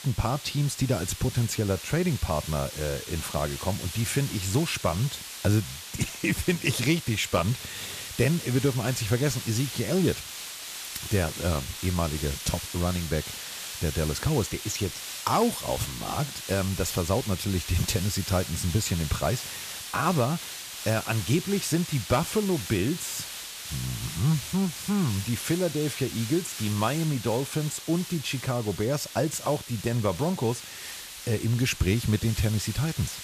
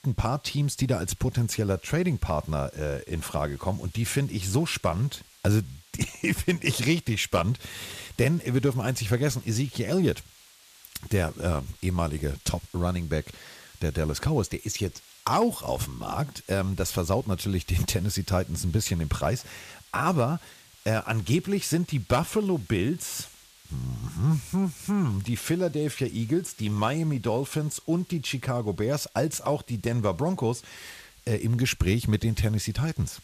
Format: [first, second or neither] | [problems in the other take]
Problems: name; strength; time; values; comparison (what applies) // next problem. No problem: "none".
second | hiss; loud; throughout; 8 dB below the speech; faint in the second